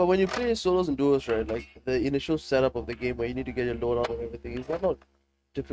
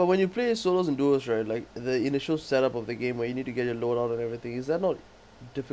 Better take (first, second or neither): second